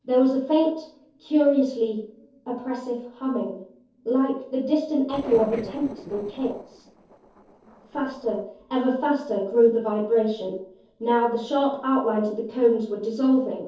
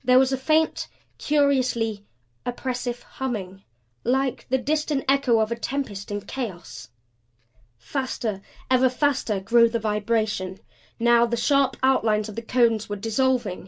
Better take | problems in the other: second | noise reduction (neural separator model SepFormer DNS4)

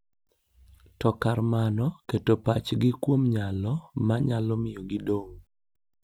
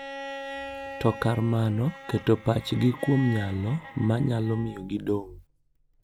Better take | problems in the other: first | background sound (Bowed string instrument); 14 dB below the speech

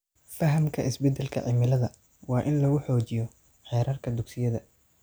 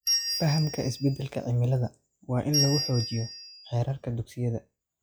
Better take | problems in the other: first | noise reduction (classical method log-MMSE)

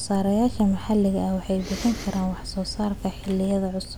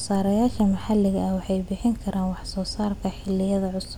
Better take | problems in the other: second | background sound (Respiratory sounds); 17 dB below the speech

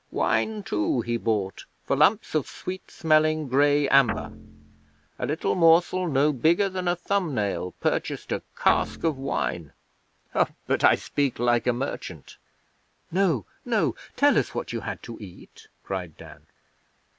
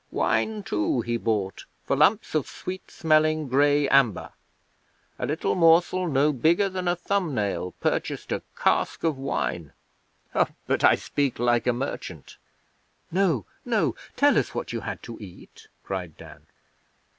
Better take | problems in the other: second | background sound (Guitar); 10 dB below the speech

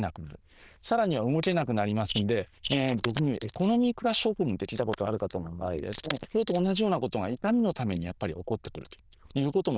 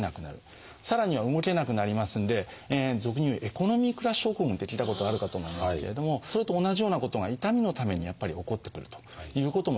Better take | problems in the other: second | noise reduction (neural diffusion model UNIVERSE++)

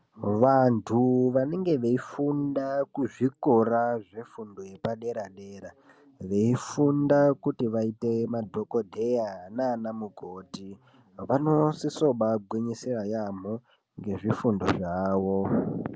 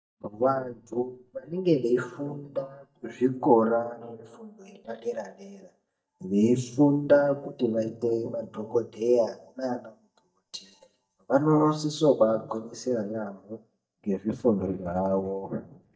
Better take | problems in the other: first | noise reduction (neural mask model DeepFilterNet 3)

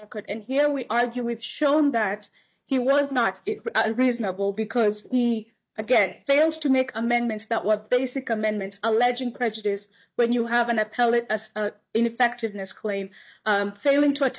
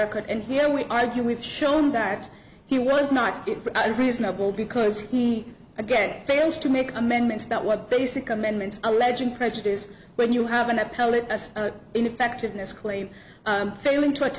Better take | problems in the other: second | noise reduction (neural mask model DeepFilterNet 3)

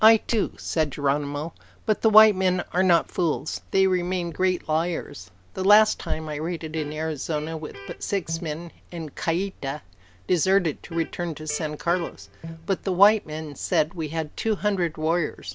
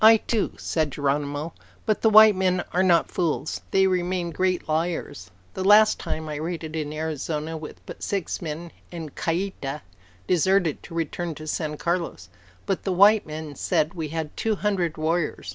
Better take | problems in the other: second | background sound (Electric guitar); 17 dB below the speech

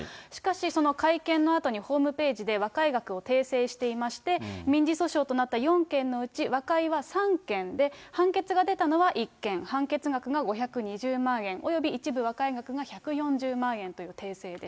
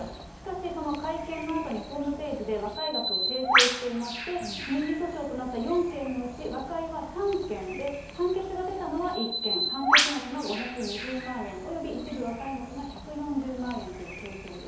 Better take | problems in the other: first | background sound (Bird); as loud as the speech // room echo; dies away in 2.2 s

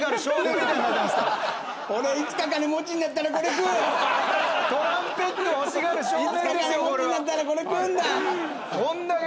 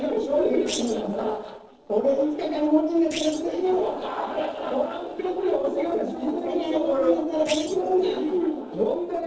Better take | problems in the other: first | noise reduction (neural separator model SepFormer DNS4)

